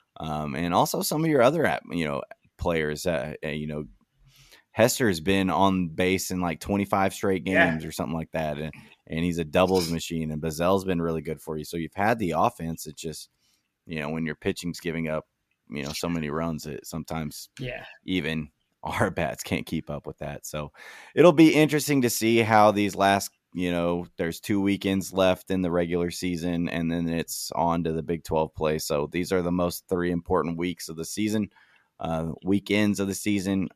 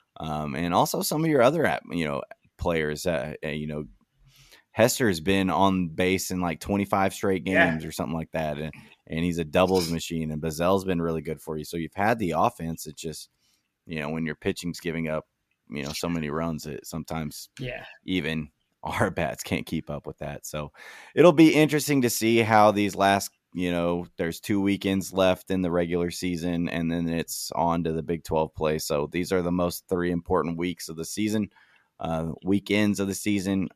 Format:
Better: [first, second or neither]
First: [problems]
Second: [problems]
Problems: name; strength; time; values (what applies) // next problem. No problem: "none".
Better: neither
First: none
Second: none